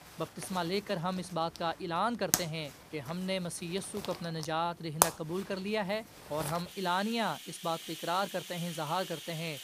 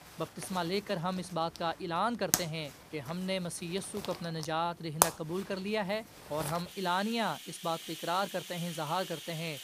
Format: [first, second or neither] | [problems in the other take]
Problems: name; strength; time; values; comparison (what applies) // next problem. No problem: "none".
neither | household noises; loud; throughout; 2 dB below the speech; the same in both